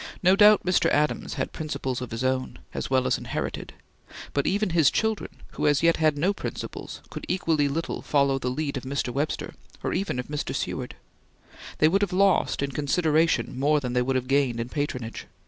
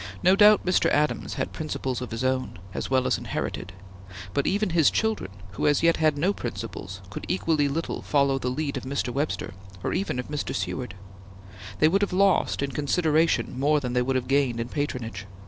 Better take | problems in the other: first | background sound (Bus); 15 dB below the speech

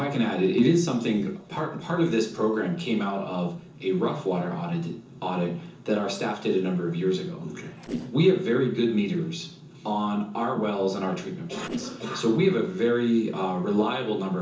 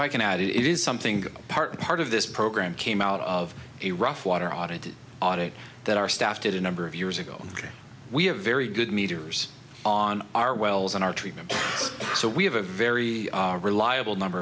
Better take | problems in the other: second | noise reduction (neural separator model SepFormer DNS4)

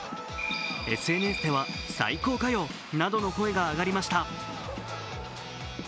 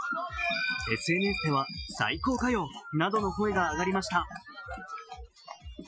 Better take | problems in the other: first | noise reduction (classical method Wiener filter)

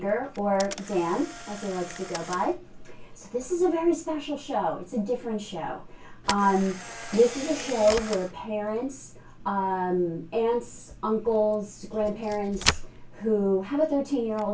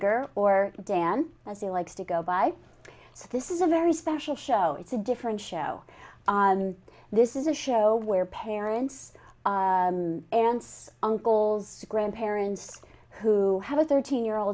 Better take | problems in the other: second | background sound (Camera); 12 dB below the speech // room echo; dies away in 0.2 s

